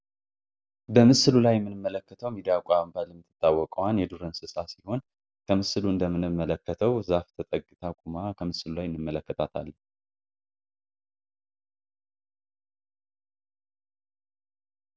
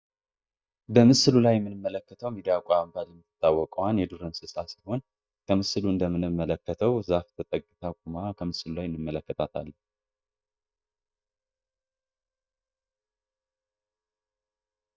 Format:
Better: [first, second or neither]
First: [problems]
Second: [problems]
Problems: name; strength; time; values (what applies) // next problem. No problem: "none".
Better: first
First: none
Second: noise reduction (neural mask model DeepFilterNet 3)